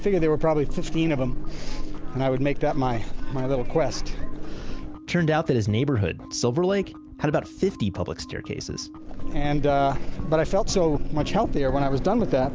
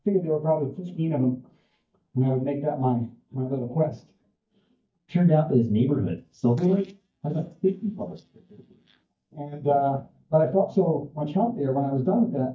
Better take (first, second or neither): first